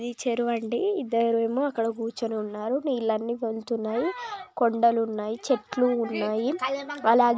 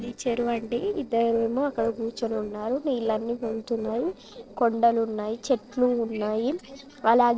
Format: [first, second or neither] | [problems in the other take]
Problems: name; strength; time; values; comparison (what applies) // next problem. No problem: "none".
first | noise reduction (neural separator model SepFormer DNS4)